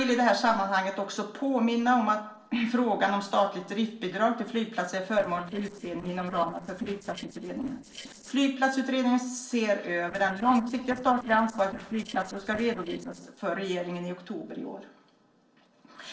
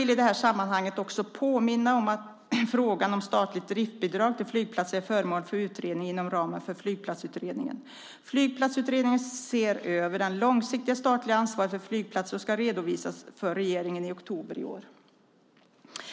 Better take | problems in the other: second | noise reduction (neural separator model SepFormer DNS4)

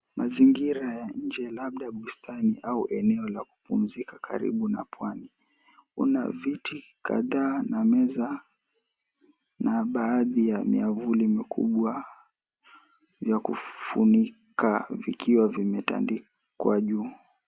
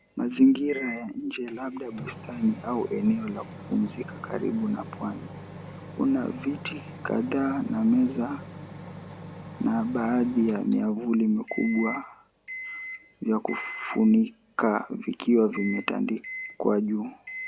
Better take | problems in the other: first | background sound (Microwave oven); 14 dB below the speech

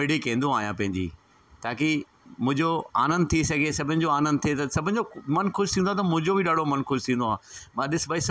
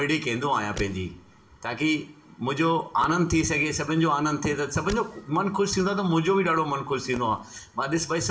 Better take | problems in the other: first | background sound (Fireworks); 20 dB below the speech // room echo; dies away in 0.5 s

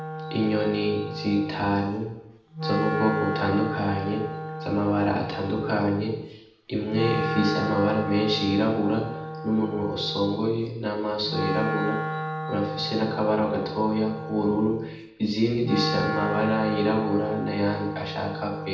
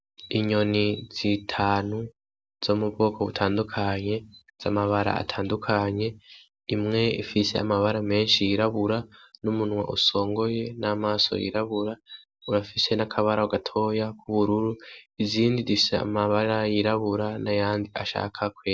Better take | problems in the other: second | background sound (Wind instrument, woodwind instrument); 6 dB below the speech // room echo; dies away in 0.8 s

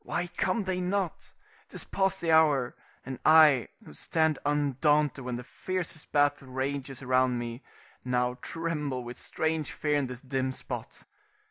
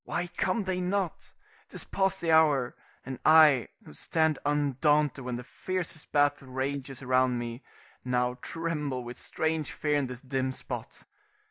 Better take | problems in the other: first | noise reduction (neural mask model DeepFilterNet 3)

